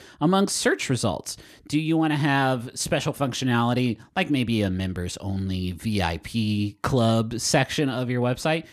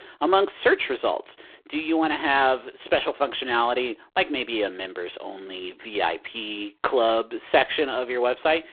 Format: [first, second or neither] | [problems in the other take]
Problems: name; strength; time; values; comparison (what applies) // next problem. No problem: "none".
first | phone-call audio; poor line